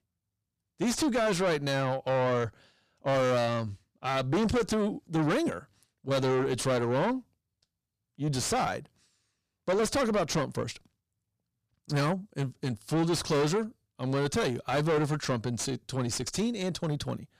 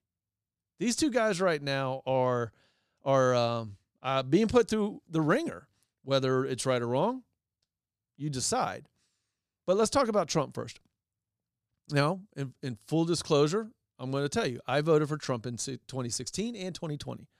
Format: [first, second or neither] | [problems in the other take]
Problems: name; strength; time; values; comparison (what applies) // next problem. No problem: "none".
second | distortion; heavy; 5 dB below the speech